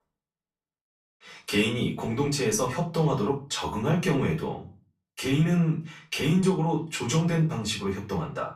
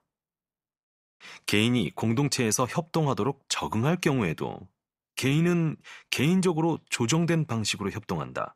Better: second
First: room echo; slight; dies away in 0.3 s // off-mic speech; far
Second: none

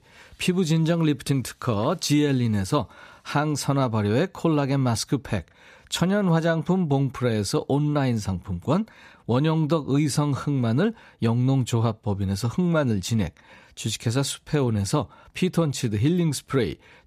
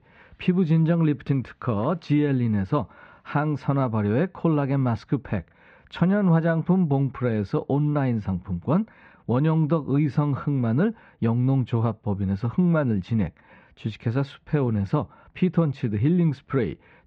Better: first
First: none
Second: muffled; very; fading above 2.5 kHz

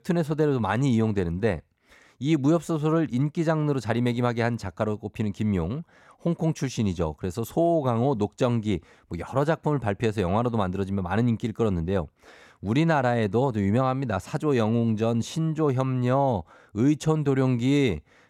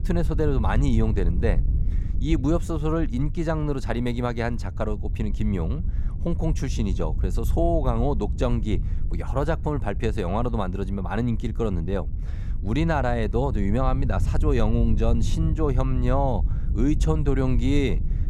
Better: first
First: none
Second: wind noise on the microphone; occasional gusts; 15 dB below the speech

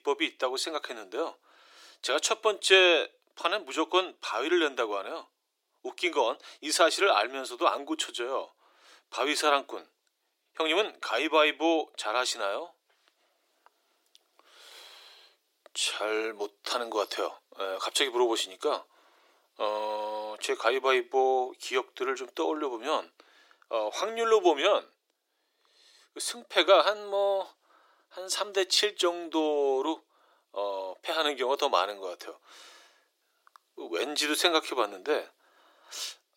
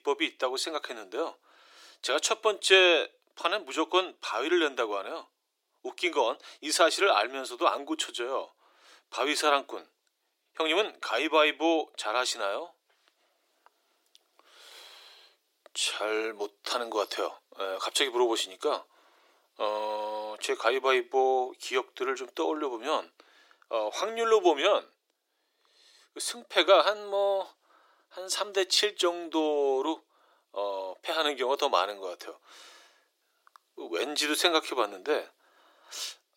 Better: neither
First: thin; very; fading below 350 Hz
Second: thin; very; fading below 350 Hz

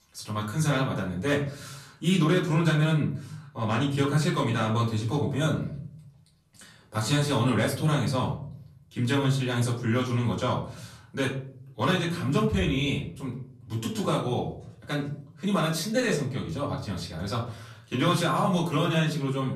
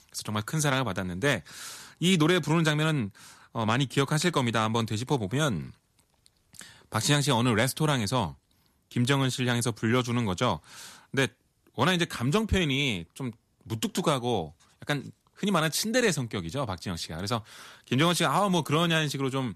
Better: second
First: off-mic speech; far // room echo; slight; dies away in 0.6 s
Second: none

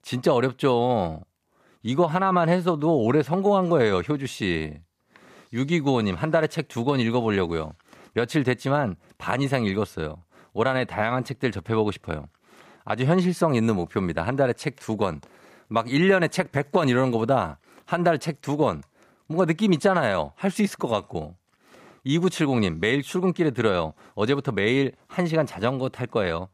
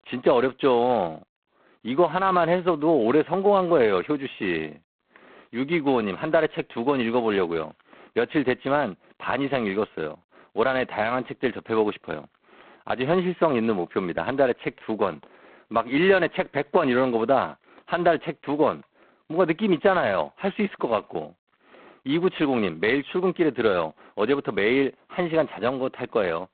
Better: first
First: none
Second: phone-call audio; poor line; nothing above 4 kHz

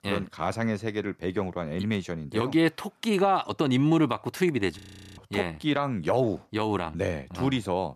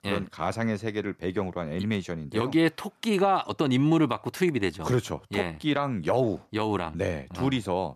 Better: second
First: audio freezing; at 5 s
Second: none

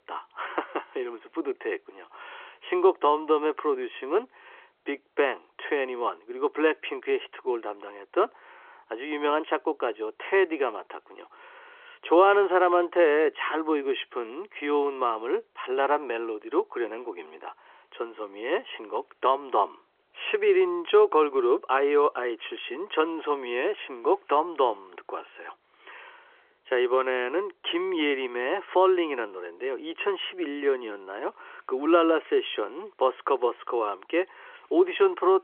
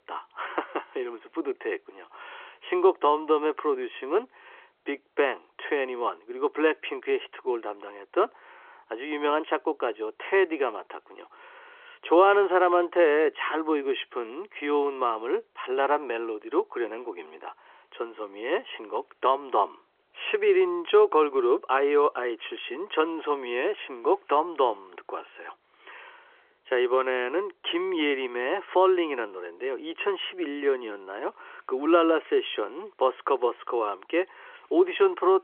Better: neither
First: phone-call audio; nothing above 3.5 kHz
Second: phone-call audio; nothing above 3.5 kHz

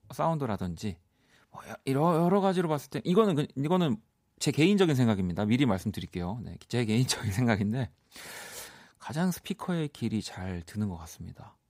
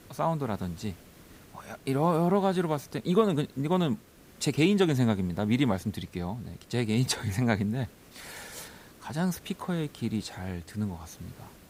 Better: first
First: none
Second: hiss; faint; throughout; 25 dB below the speech

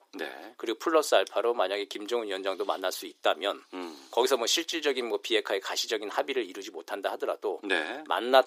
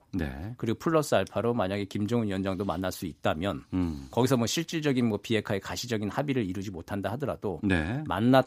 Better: second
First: thin; very; fading below 350 Hz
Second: none

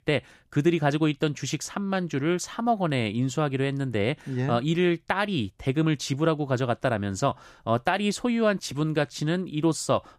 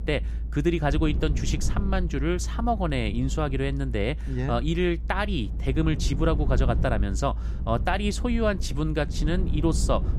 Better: first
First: none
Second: low rumble; noticeable; throughout; 15 dB below the speech

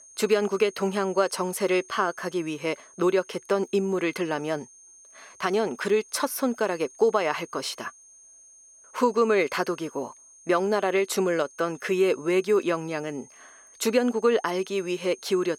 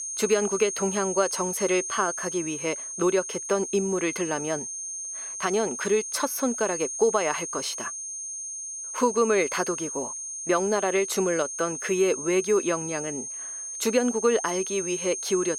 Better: first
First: high-pitched whine; faint; throughout; 6.5 kHz, 25 dB below the speech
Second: high-pitched whine; loud; throughout; 6.5 kHz, 5 dB below the speech

